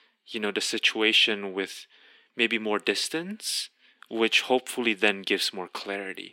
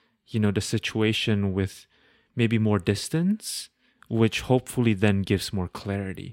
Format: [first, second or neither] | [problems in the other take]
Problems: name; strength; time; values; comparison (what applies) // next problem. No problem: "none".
second | thin; somewhat; fading below 300 Hz